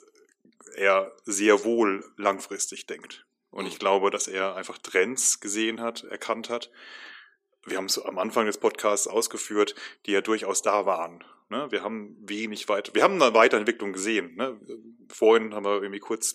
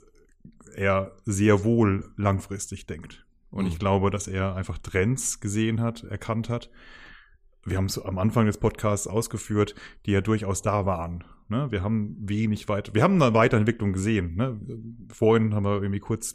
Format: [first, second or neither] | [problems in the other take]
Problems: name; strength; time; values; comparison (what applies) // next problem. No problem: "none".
second | thin; very; fading below 300 Hz